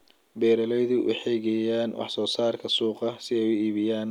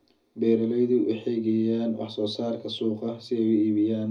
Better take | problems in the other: first | room echo; dies away in 0.4 s

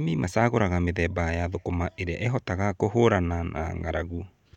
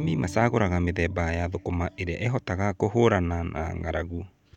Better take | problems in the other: first | background sound (Bass guitar + Drum); 19 dB below the speech

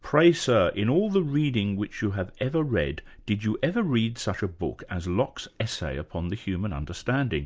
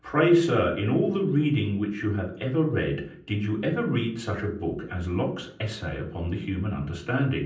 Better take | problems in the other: first | room echo; dies away in 0.6 s

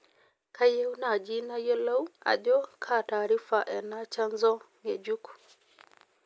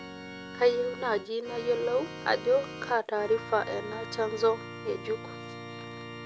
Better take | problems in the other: first | background sound (Organ); 11 dB below the speech

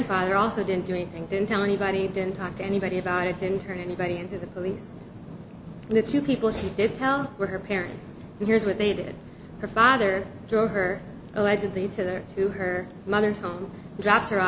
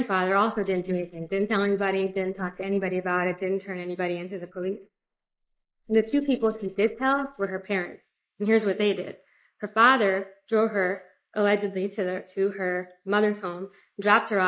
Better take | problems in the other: first | noise reduction (neural mask model Resemble Enhance denoiser)

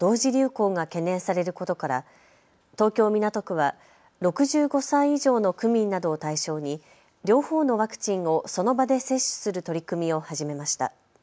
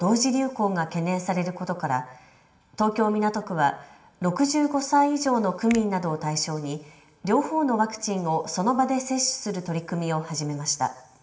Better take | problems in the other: first | background sound (Finger snapping); 19 dB below the speech // room echo; dies away in 0.8 s

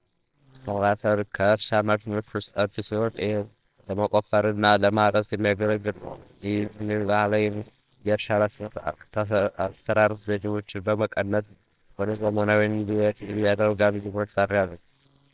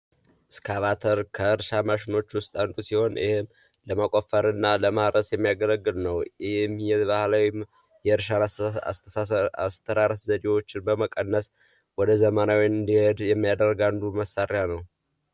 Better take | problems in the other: second | noise reduction (neural separator model SepFormer WHAMR!)

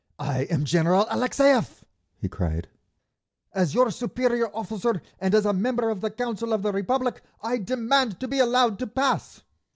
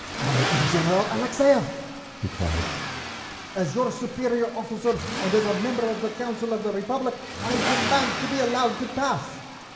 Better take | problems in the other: first | background sound (Accelerating, revving, vroom); 6 dB below the speech // room echo; dies away in 2 s

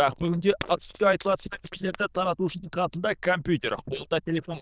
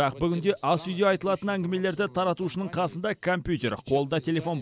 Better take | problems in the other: second | noise reduction (neural diffusion model UNIVERSE++)

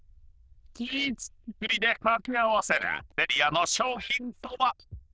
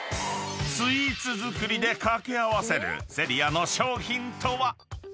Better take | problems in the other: second | noise reduction (neural diffusion model UNIVERSE++)

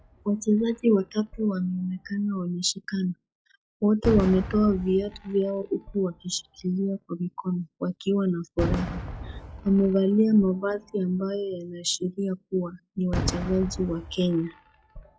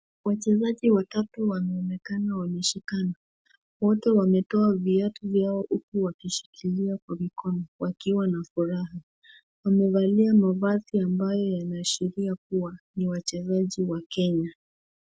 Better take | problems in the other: second | noise reduction (classical method log-MMSE)

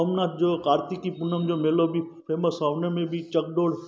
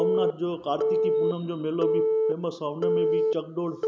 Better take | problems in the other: first | background sound (Telephone); 5 dB above the speech

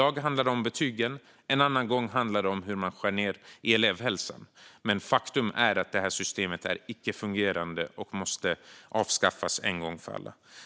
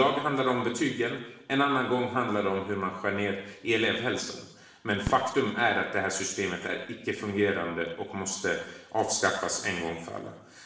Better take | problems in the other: first | background sound (Fireworks); 16 dB below the speech // room echo; dies away in 0.9 s

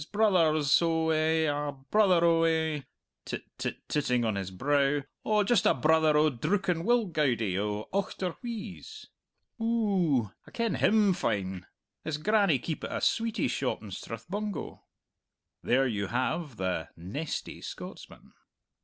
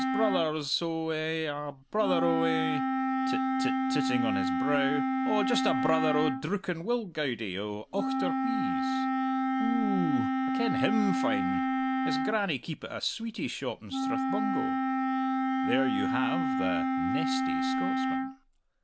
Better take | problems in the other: first | background sound (Wind instrument, woodwind instrument); 3 dB above the speech

